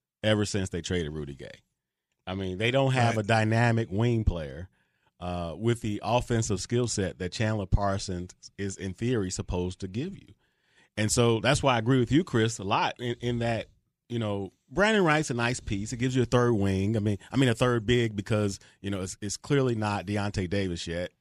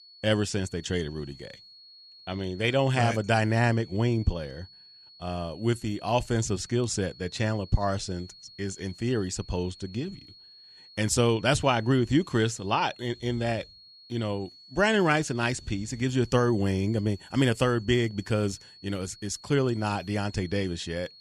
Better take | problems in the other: first | high-pitched whine; faint; throughout; 4.5 kHz, 20 dB below the speech

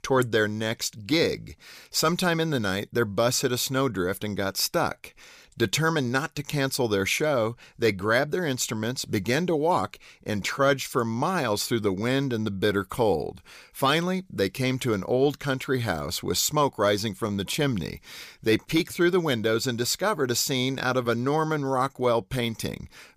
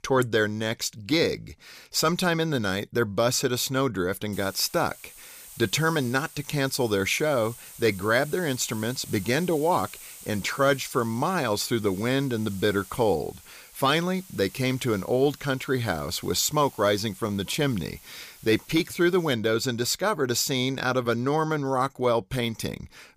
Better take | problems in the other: first | hiss; noticeable; from 4.5 to 19 s; 20 dB below the speech

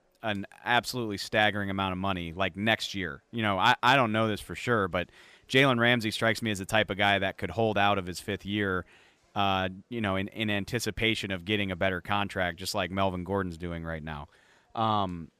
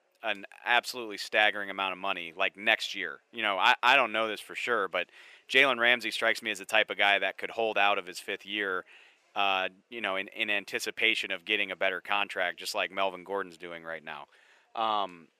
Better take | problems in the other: first | thin; somewhat; fading below 450 Hz

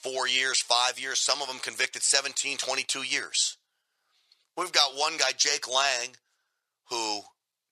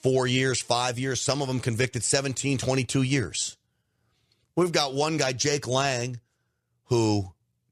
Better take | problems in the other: second | thin; very; fading below 950 Hz

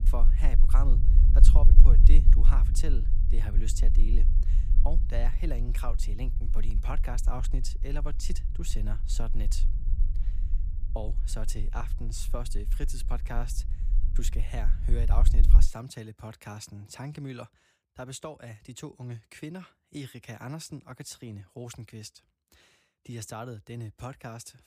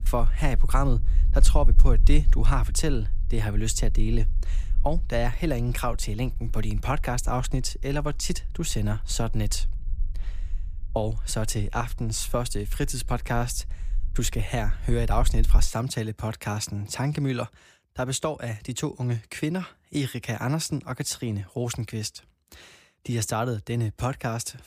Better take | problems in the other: second | low rumble; loud; until 16 s; 8 dB below the speech; faint in the second

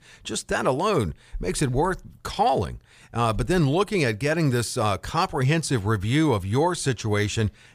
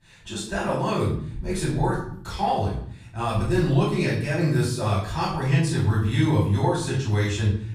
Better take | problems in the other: first | off-mic speech; far // room echo; noticeable; dies away in 0.6 s

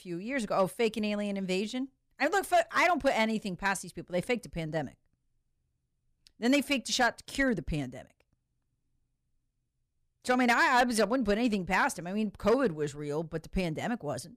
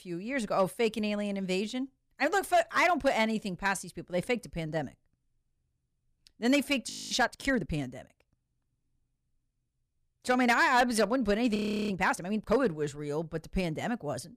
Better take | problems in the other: first | audio freezing; at 7 s and at 12 s

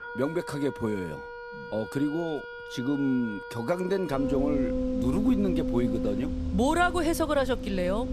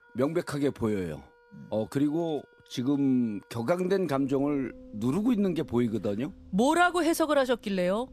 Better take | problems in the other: second | background music; loud; throughout; 5 dB below the speech; faint in the second

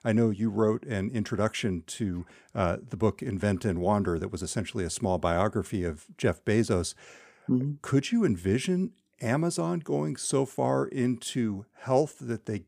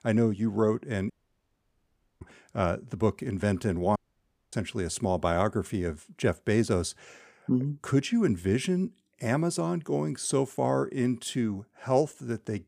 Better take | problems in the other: first | audio cutting out; at 1 s for 1 s and at 4 s for 0.5 s

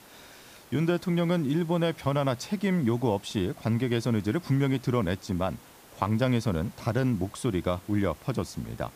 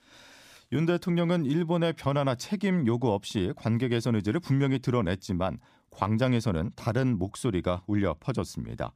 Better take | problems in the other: second | hiss; faint; throughout; 25 dB below the speech

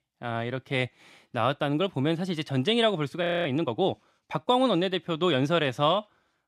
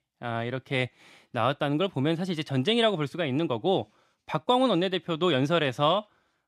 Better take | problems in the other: second | audio freezing; at 3 s

